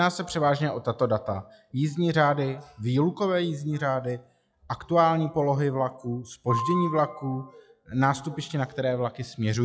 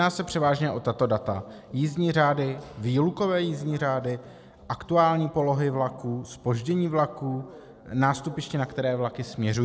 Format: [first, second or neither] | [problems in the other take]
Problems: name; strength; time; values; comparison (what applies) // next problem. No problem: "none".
second | noise reduction (classical method log-MMSE)